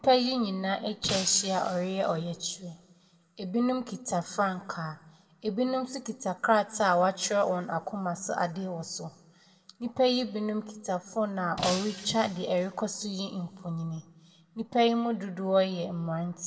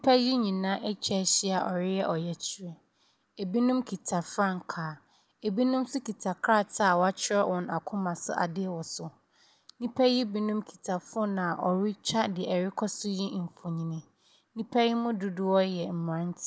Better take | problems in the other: second | background sound (Shatter); 11 dB below the speech // room echo; dies away in 0.6 s

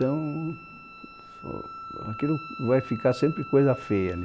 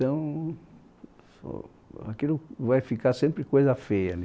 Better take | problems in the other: second | background sound (Wind instrument, woodwind instrument); 14 dB below the speech

